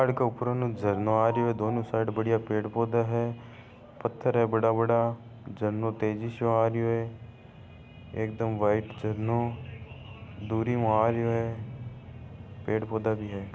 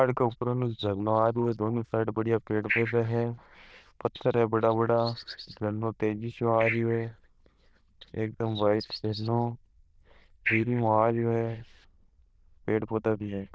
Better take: first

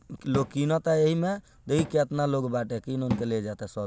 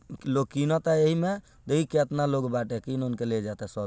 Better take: second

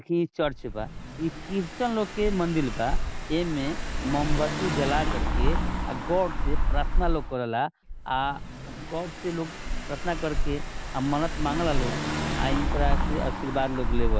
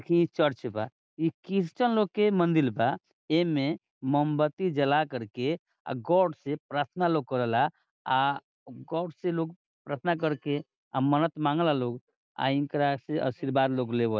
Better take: second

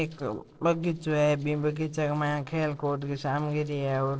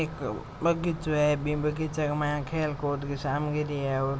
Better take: second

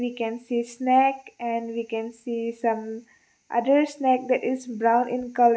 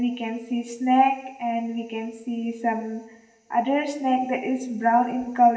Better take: first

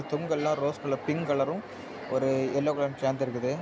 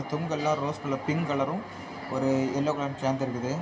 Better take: first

